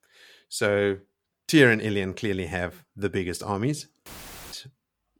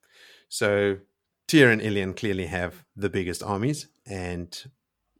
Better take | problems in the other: second | audio cutting out; filled with static; at 4 s

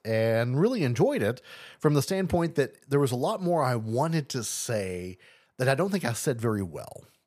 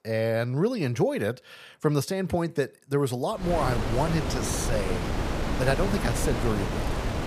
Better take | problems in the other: first | wind noise on the microphone; heavy; from 3.5 s on; 3 dB below the speech

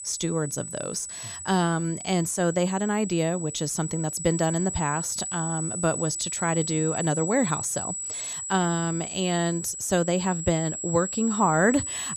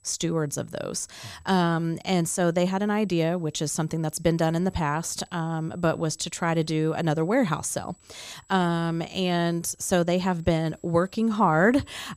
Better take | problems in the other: second | high-pitched whine; loud; throughout; 8 kHz, 5 dB below the speech; faint in the second

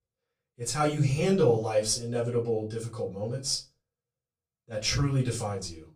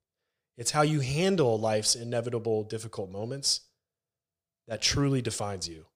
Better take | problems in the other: second | off-mic speech; far // room echo; very slight; dies away in 0.3 s

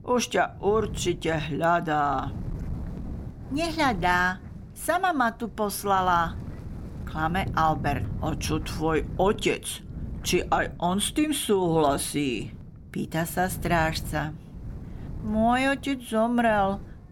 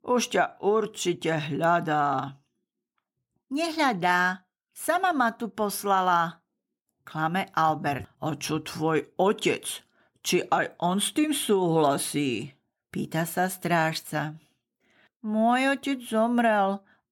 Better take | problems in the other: second | wind noise on the microphone; occasional gusts; 25 dB below the speech

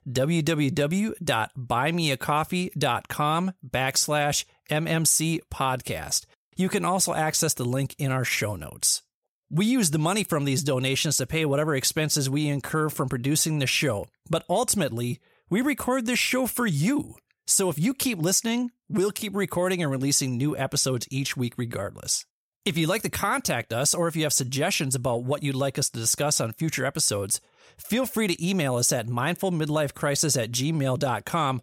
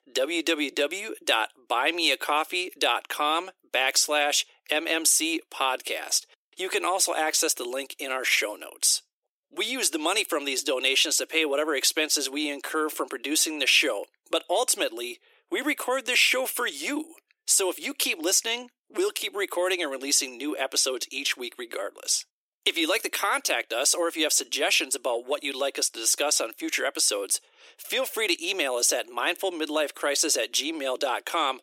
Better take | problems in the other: first | thin; very; fading below 300 Hz

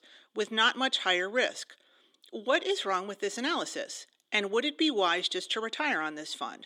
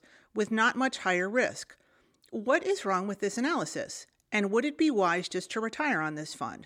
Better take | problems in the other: second | thin; very slightly; fading below 300 Hz

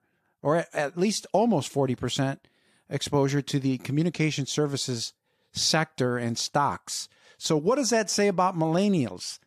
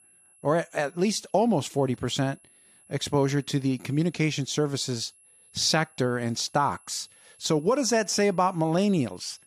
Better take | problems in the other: first | high-pitched whine; faint; throughout; 11 kHz, 30 dB below the speech

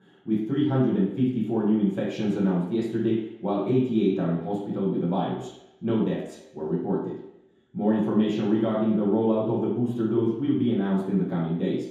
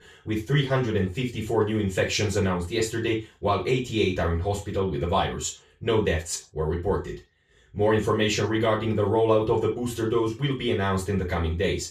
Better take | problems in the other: second | room echo; strong; dies away in 0.8 s; slight in the second // off-mic speech; far; far in the second

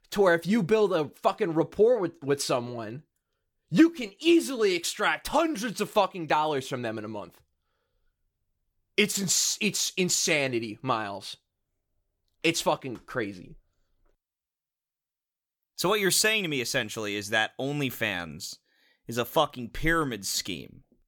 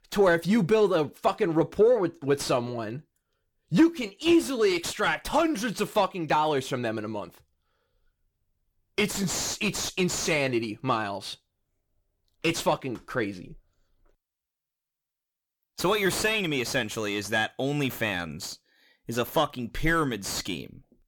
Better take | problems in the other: first | distortion; slight; 10 dB below the speech

